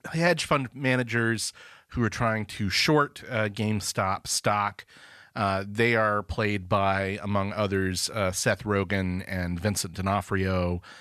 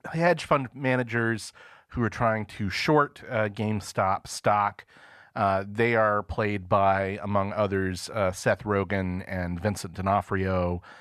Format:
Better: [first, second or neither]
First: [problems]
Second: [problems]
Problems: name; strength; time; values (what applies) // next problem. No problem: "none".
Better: first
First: none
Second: muffled; slightly; fading above 3 kHz